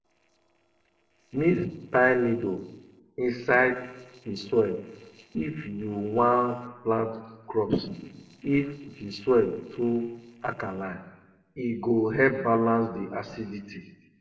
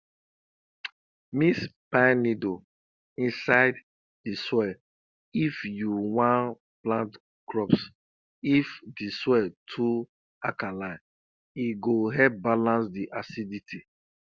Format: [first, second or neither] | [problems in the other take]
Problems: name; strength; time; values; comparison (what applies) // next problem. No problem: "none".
second | noise reduction (neural separator model SepFormer DNS4)